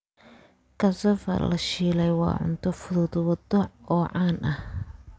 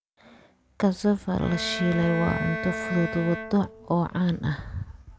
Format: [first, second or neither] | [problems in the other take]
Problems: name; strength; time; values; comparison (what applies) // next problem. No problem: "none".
first | background sound (Bowed string instrument); 8 dB below the speech